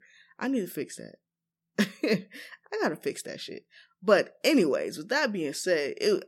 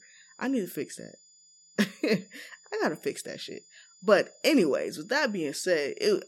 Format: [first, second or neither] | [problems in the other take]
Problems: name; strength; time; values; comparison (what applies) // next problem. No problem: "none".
first | high-pitched whine; faint; throughout; 7 kHz, 25 dB below the speech